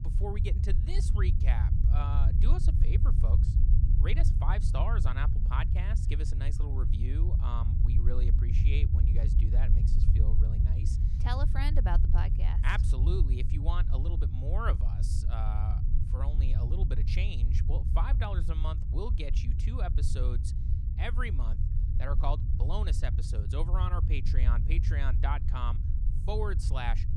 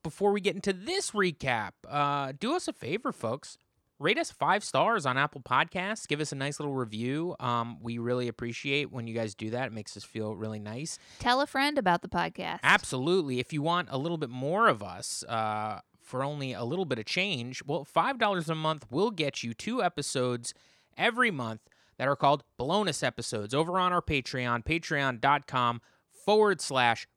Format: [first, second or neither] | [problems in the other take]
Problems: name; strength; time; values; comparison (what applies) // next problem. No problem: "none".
second | low rumble; loud; throughout; 6 dB below the speech